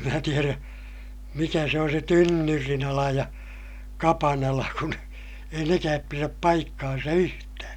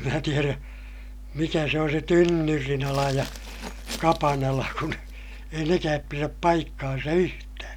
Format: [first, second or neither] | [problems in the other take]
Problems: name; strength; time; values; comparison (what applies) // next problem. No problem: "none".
first | background sound (Glass); 16 dB below the speech